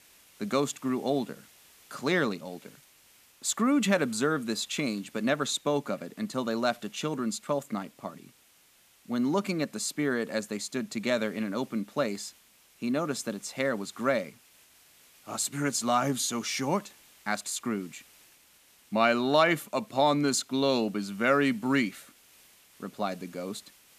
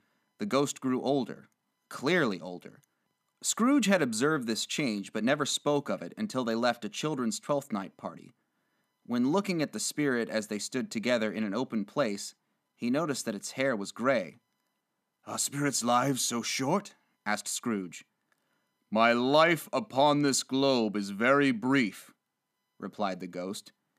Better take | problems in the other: second | hiss; faint; throughout; 25 dB below the speech

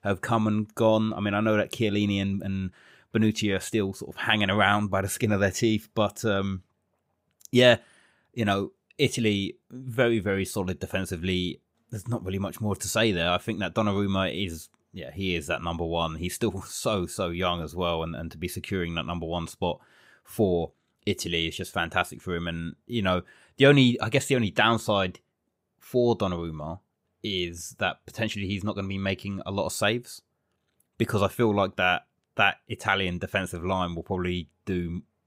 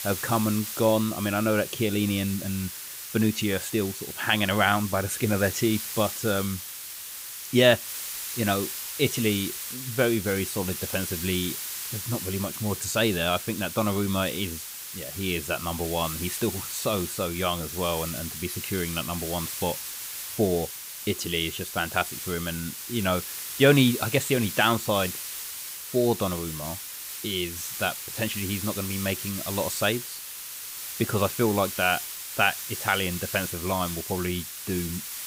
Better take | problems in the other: first | hiss; loud; throughout; 6 dB below the speech

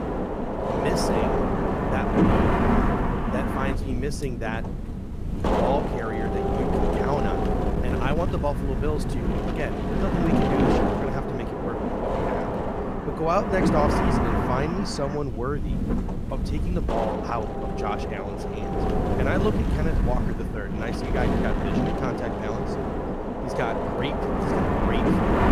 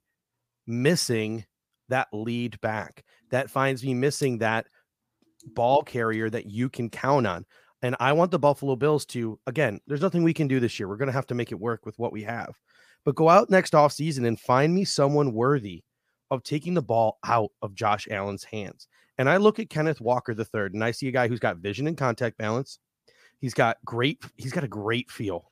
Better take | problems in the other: second | wind noise on the microphone; heavy; 3 dB above the speech

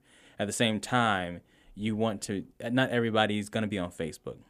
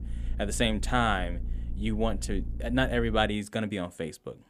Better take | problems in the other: first | low rumble; faint; until 3.5 s; 25 dB below the speech

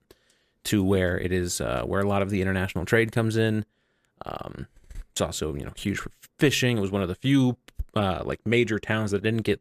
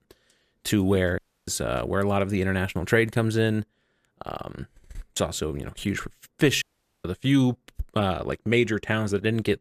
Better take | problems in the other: first | audio cutting out; at 1 s and at 6.5 s

